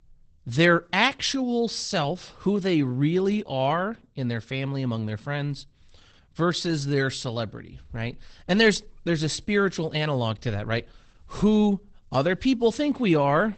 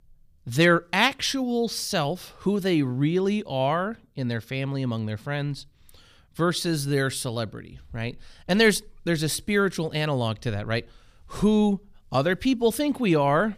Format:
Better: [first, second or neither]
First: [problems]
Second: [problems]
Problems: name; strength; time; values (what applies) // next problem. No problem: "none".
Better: second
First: garbled, watery; badly; nothing above 8 kHz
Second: none